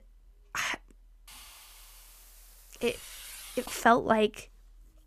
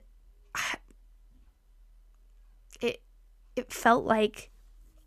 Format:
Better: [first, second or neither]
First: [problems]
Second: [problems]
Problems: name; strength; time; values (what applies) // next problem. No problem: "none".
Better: second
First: hiss; noticeable; from 1.5 to 4 s; 15 dB below the speech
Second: none